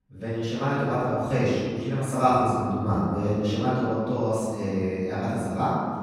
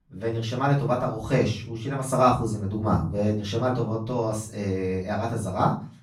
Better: second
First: room echo; strong; dies away in 1.9 s // off-mic speech; far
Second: room echo; slight; dies away in 0.3 s // off-mic speech; far

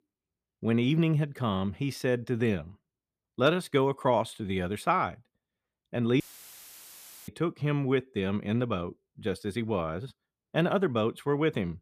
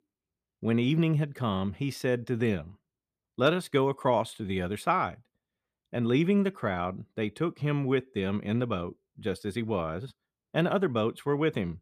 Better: second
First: audio cutting out; filled with static; at 6 s for 1 s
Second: none

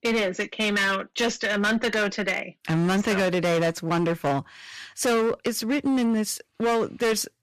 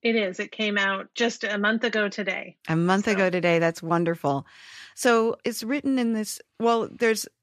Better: second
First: distortion; heavy; 18% of the sound clipped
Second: none

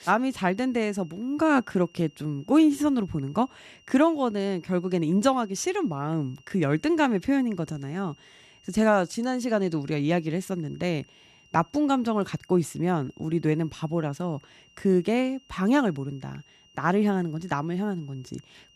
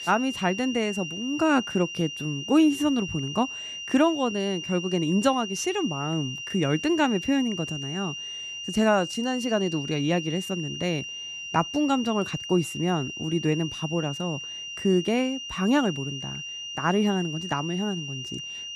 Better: first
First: high-pitched whine; faint; throughout; 3 kHz, 30 dB below the speech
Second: high-pitched whine; loud; throughout; 3 kHz, 7 dB below the speech

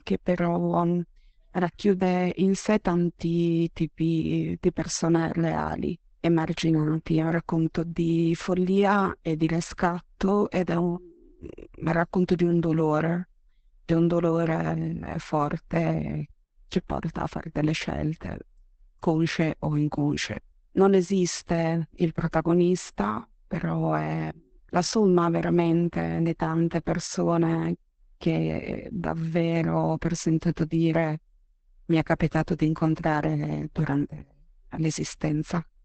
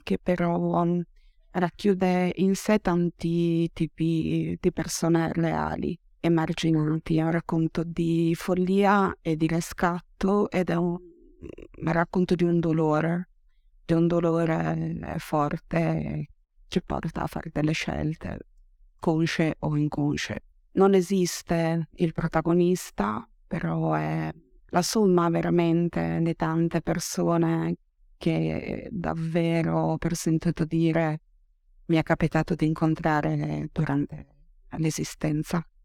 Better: second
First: garbled, watery; badly; nothing above 8 kHz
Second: none

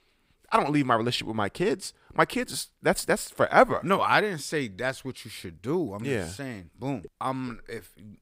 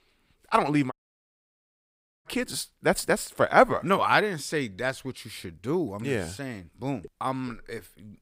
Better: first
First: none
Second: audio cutting out; at 1 s for 1.5 s

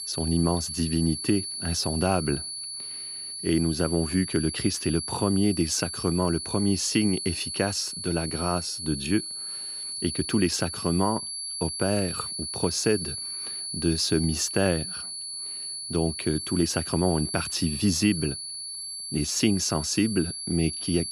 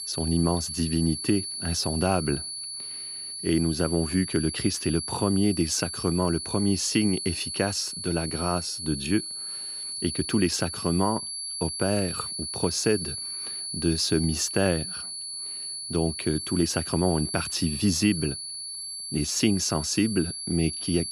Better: neither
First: high-pitched whine; loud; throughout; 4.5 kHz, 5 dB below the speech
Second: high-pitched whine; loud; throughout; 4.5 kHz, 5 dB below the speech

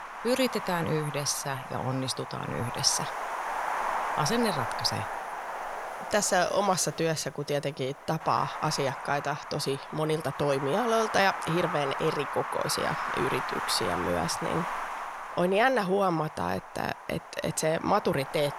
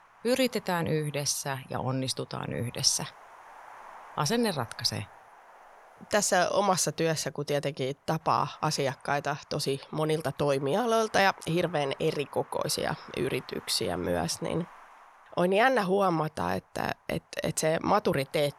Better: second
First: wind noise on the microphone; heavy; 4 dB below the speech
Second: wind noise on the microphone; occasional gusts; 20 dB below the speech

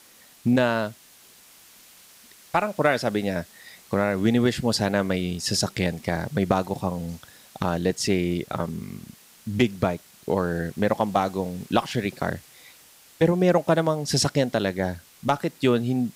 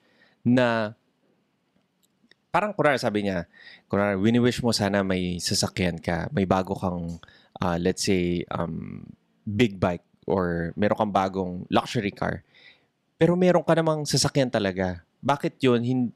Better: second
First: hiss; faint; throughout; 25 dB below the speech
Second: none

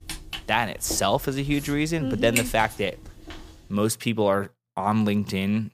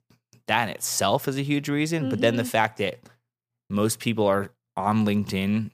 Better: second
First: footsteps; noticeable; until 3.5 s; peak 2 dB below the speech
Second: none

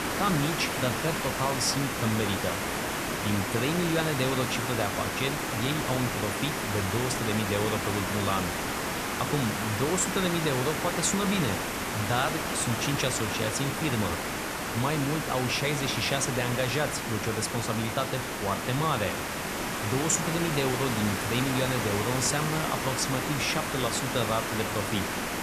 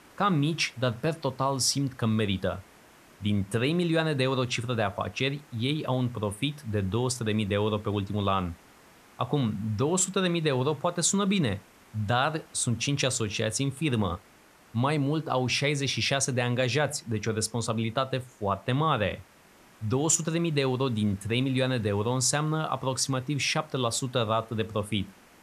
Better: second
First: hiss; loud; throughout; 1 dB below the speech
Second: hiss; faint; throughout; 25 dB below the speech

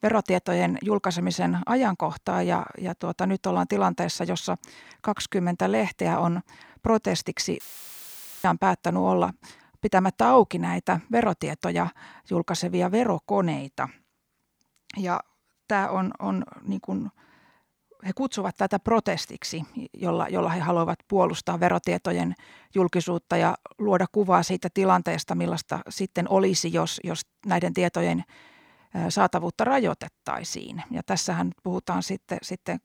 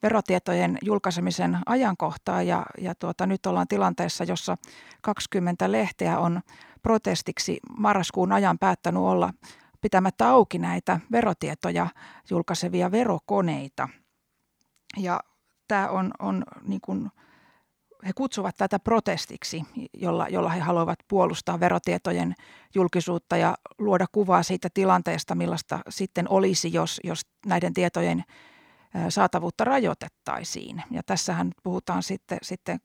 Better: second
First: audio cutting out; filled with static; at 7.5 s for 1 s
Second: none

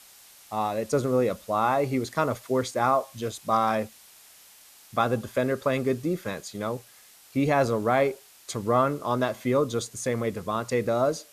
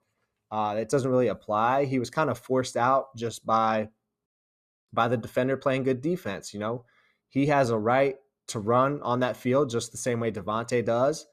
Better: second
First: hiss; faint; throughout; 25 dB below the speech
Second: none

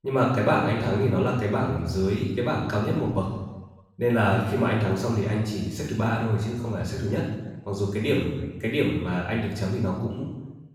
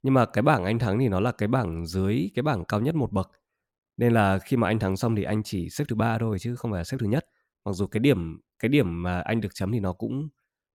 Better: second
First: room echo; noticeable; dies away in 1 s // off-mic speech; far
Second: none

